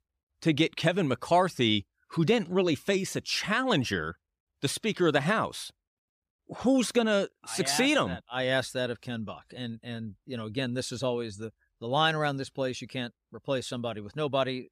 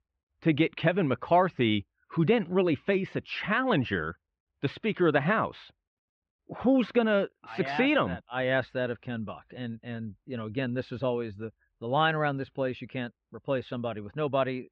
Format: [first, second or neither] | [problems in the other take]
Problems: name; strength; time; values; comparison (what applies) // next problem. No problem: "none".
first | muffled; very; fading above 3 kHz